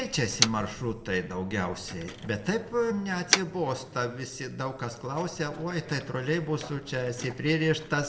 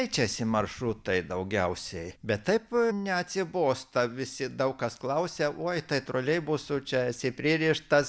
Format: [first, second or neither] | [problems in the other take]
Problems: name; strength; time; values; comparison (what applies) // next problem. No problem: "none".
second | background sound (Motor vehicle (road)); 7 dB below the speech // room echo; dies away in 1.4 s